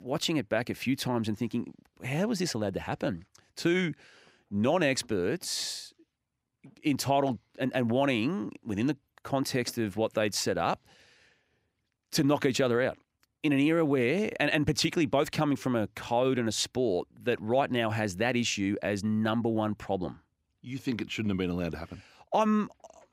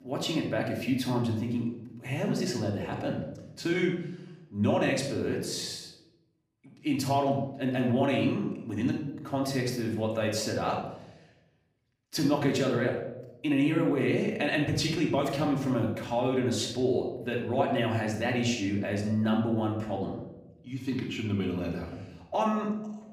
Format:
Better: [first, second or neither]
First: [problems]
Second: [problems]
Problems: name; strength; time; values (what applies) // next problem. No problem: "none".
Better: first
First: none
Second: off-mic speech; far // room echo; noticeable; dies away in 0.7 s